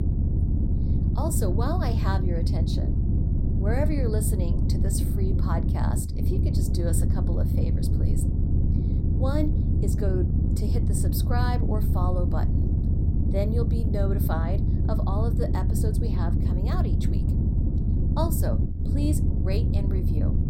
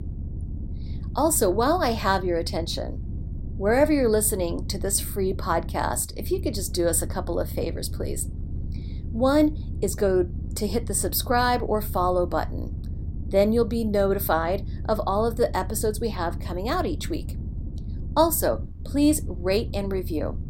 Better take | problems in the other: second | low rumble; loud; throughout; 2 dB below the speech; faint in the second

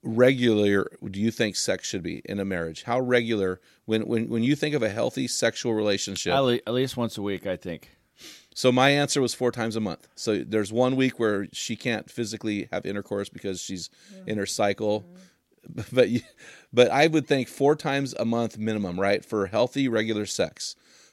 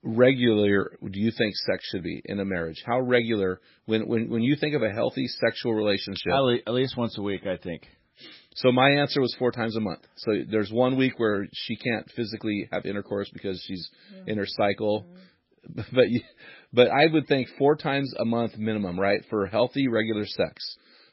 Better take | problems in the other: first | garbled, watery; badly; nothing above 5.5 kHz

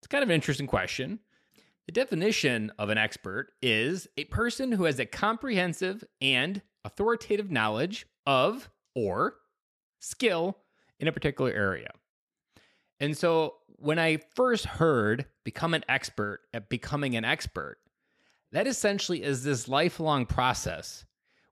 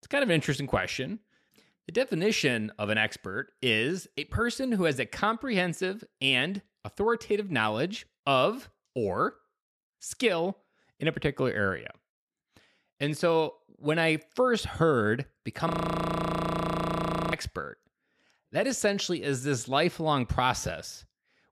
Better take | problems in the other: first | audio freezing; at 16 s for 1.5 s

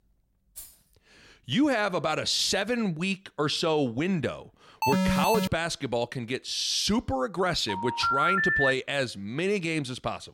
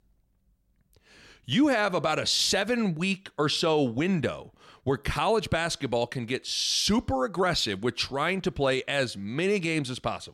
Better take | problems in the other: second | jangling keys; faint; at 0.5 s; peak 15 dB below the speech // alarm; loud; at 5 s; peak 3 dB above the speech // phone ringing; loud; from 7.5 to 8.5 s; peak 4 dB above the speech

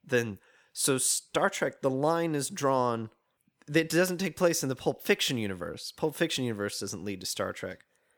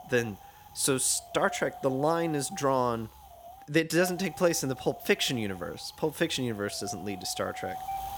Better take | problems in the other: first | wind noise on the microphone; occasional gusts; 15 dB below the speech

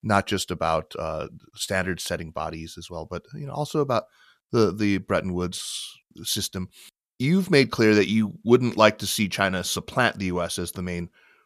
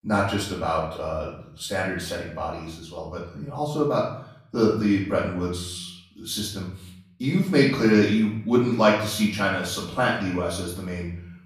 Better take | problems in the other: first | off-mic speech; far // room echo; noticeable; dies away in 0.6 s

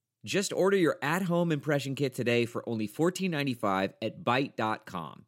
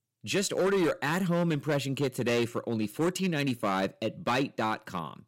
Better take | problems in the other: first | distortion; slight; 9% of the sound clipped

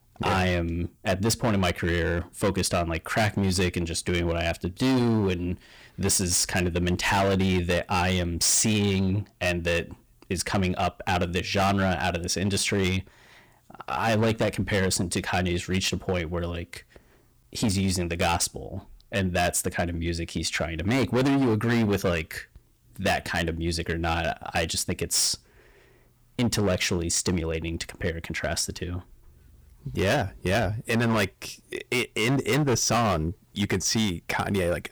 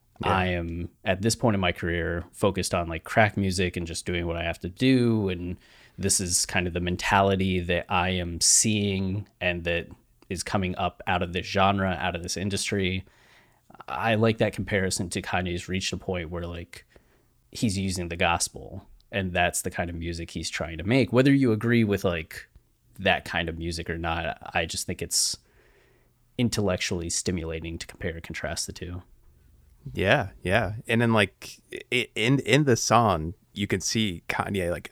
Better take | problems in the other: second | distortion; heavy; 12% of the sound clipped

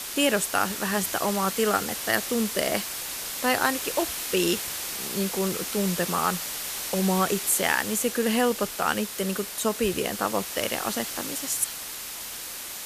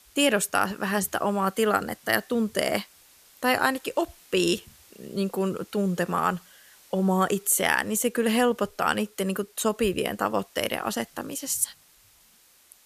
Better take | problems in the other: second | hiss; loud; throughout; 4 dB below the speech; faint in the second

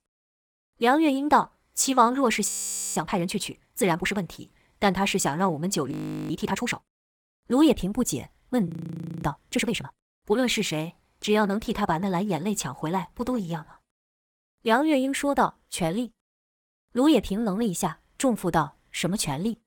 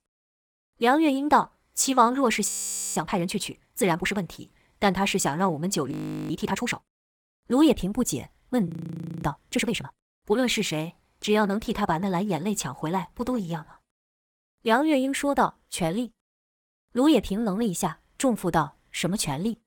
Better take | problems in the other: neither | audio freezing; at 2.5 s, at 6 s and at 8.5 s for 0.5 s; the same in both

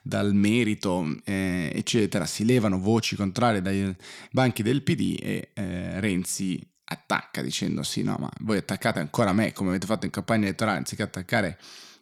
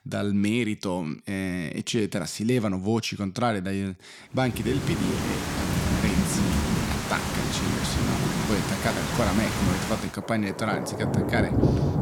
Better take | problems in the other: first | rain or running water; very loud; from 5 s on; 1 dB above the speech

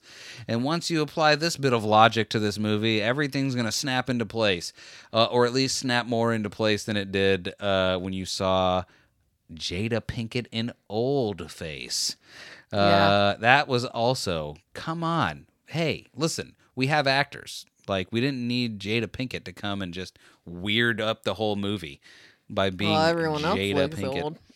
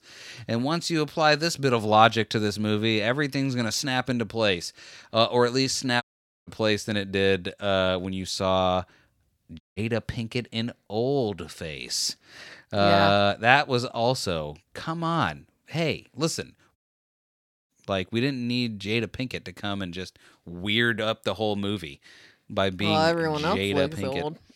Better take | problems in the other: first | audio cutting out; at 6 s, at 9.5 s and at 17 s for 1 s

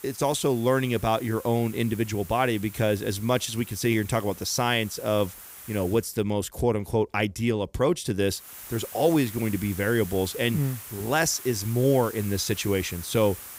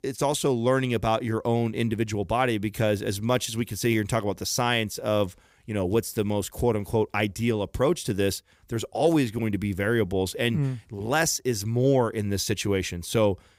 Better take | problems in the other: second | hiss; noticeable; until 6 s and from 8.5 s on; 15 dB below the speech

